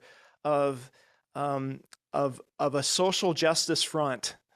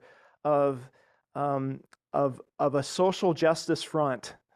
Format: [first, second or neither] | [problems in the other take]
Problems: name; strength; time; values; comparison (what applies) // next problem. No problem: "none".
first | muffled; slightly; fading above 2 kHz